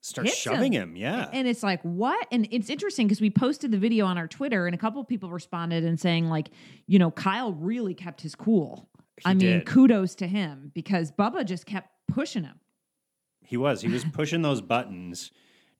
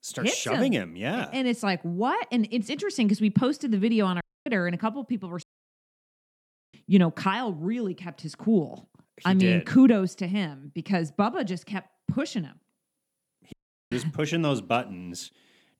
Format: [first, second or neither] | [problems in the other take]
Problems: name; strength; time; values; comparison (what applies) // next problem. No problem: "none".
first | audio cutting out; at 4 s, at 5.5 s for 1.5 s and at 14 s